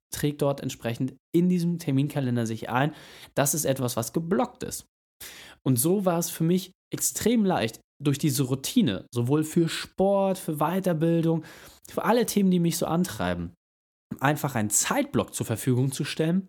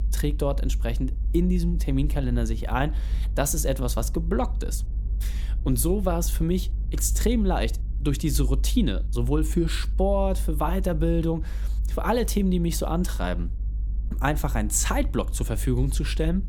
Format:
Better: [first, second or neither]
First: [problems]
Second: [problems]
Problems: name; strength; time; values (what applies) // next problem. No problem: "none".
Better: first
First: none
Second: low rumble; faint; throughout; 20 dB below the speech